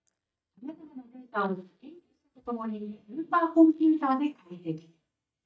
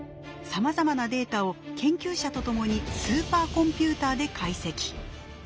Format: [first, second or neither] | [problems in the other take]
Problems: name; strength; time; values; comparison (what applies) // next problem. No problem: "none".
second | noise reduction (neural mask model DeepFilterNet 3)